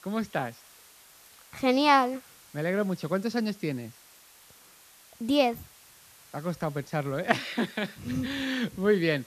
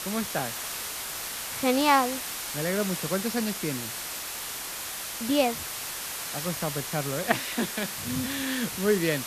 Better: first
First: hiss; faint; throughout; 25 dB below the speech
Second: hiss; loud; throughout; 4 dB below the speech

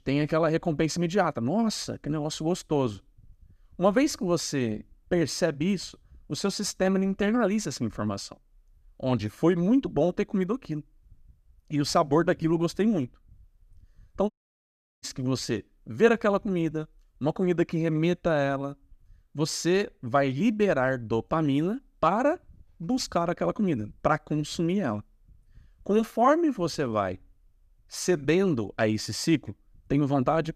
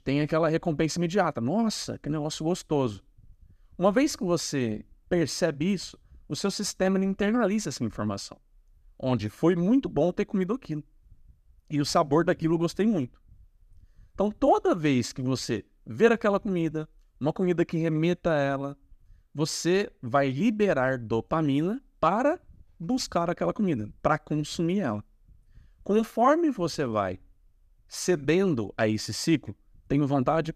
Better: second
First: audio cutting out; at 14 s for 0.5 s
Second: none

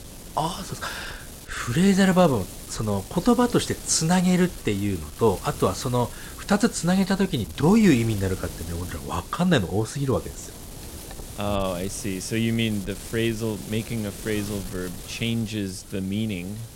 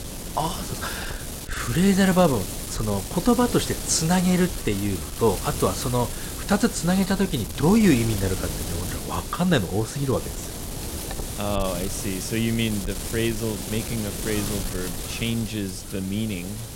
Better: first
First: wind noise on the microphone; occasional gusts; 15 dB below the speech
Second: wind noise on the microphone; heavy; 7 dB below the speech

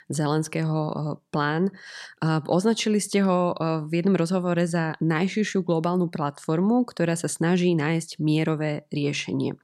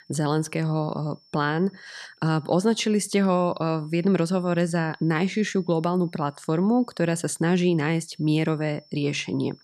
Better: first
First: none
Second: high-pitched whine; faint; throughout; 5.5 kHz, 30 dB below the speech

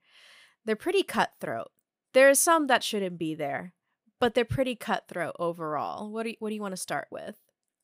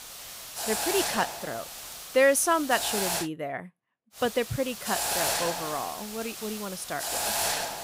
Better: first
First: none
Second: hiss; loud; until 3 s and from 4 s on; 2 dB below the speech

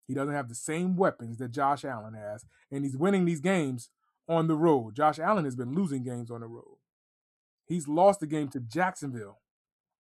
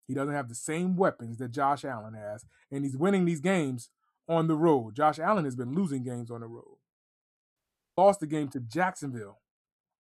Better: first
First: none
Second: audio cutting out; at 7.5 s

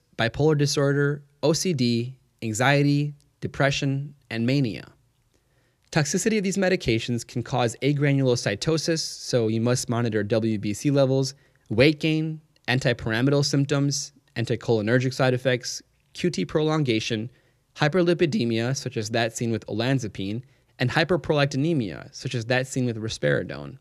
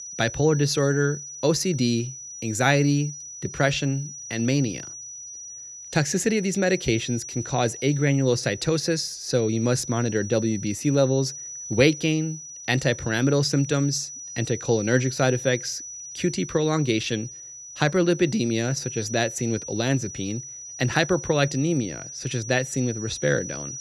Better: first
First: none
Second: high-pitched whine; noticeable; throughout; 6 kHz, 10 dB below the speech

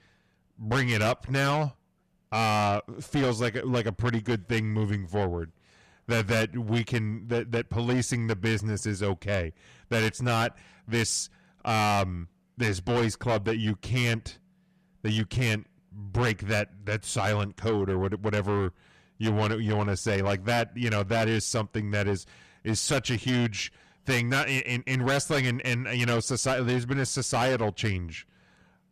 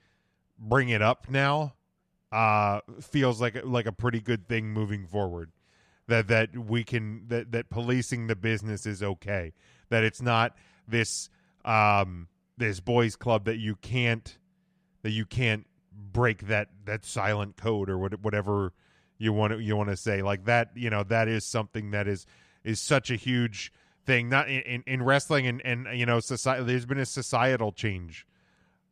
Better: second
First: distortion; heavy; 6 dB below the speech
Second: none

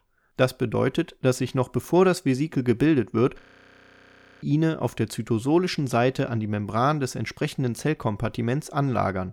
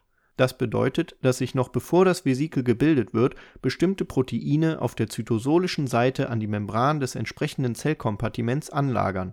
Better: second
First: audio freezing; at 3.5 s for 1 s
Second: none

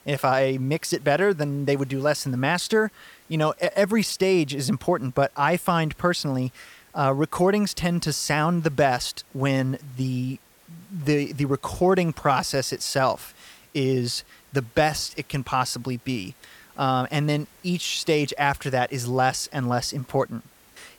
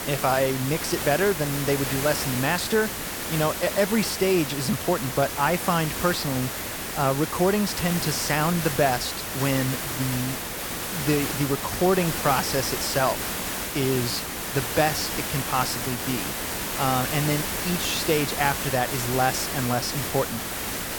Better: first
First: hiss; faint; throughout; 30 dB below the speech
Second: hiss; loud; throughout; 3 dB below the speech

